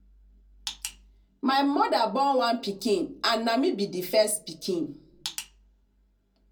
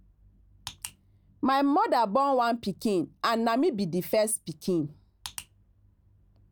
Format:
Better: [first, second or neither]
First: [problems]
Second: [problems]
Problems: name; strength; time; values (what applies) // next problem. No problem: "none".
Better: second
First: room echo; dies away in 0.2 s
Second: none